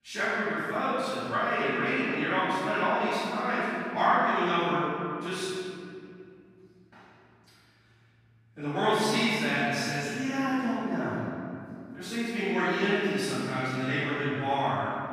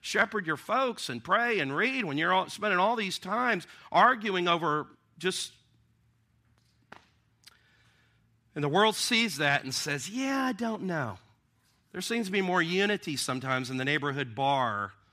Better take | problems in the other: second | room echo; strong; dies away in 2.5 s // off-mic speech; far

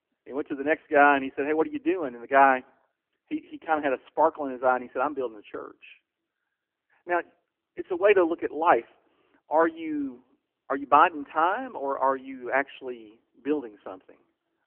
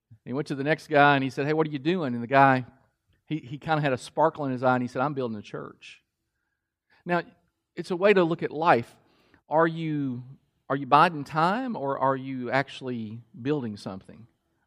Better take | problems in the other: second | phone-call audio; poor line; nothing above 3 kHz

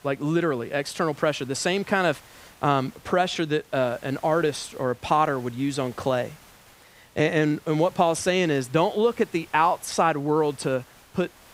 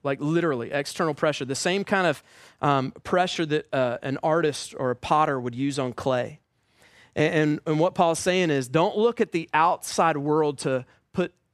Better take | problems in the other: second | hiss; faint; throughout; 25 dB below the speech

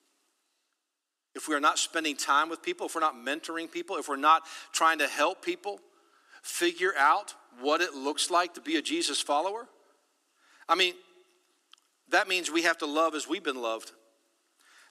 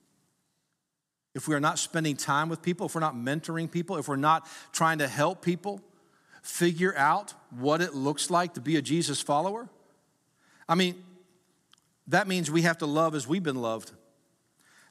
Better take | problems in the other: second | thin; somewhat; fading below 300 Hz

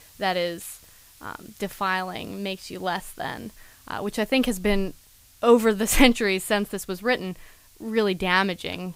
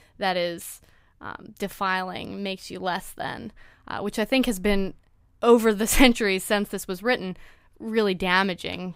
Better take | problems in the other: second | hiss; faint; throughout; 25 dB below the speech

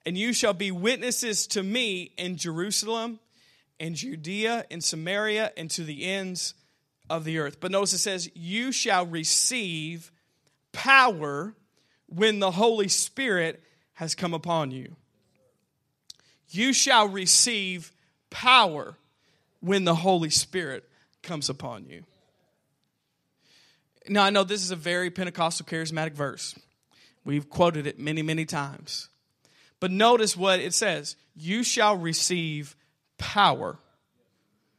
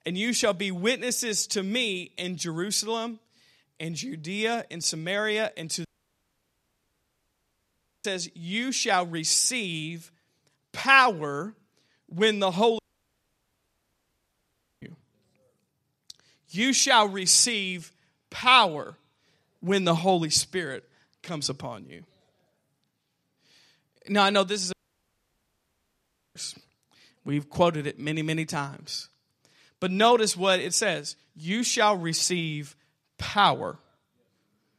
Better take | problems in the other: first | audio cutting out; at 6 s for 2 s, at 13 s for 2 s and at 25 s for 1.5 s

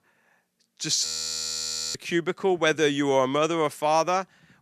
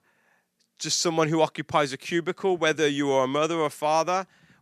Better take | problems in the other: second | audio freezing; at 1 s for 1 s

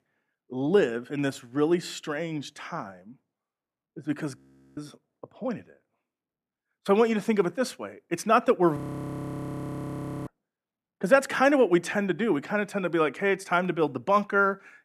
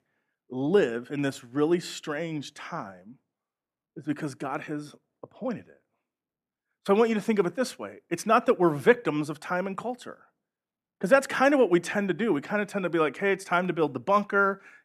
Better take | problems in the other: second | audio freezing; at 4.5 s and at 9 s for 1.5 s

